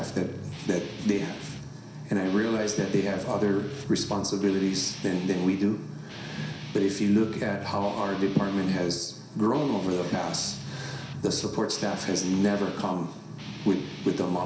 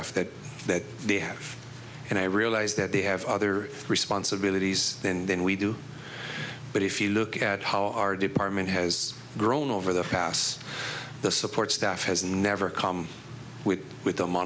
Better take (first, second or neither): second